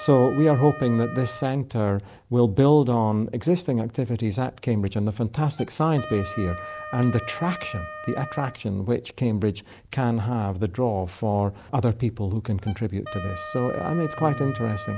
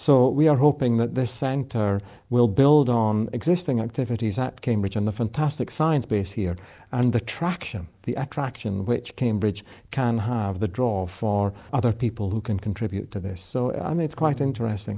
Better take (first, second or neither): second